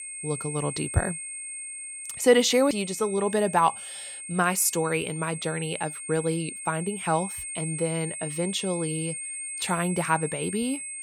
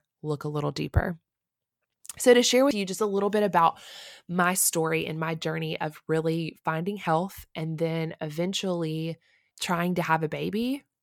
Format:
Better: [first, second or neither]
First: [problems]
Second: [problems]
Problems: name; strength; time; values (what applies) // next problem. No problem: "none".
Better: second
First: high-pitched whine; loud; throughout; 8.5 kHz, 7 dB below the speech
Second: none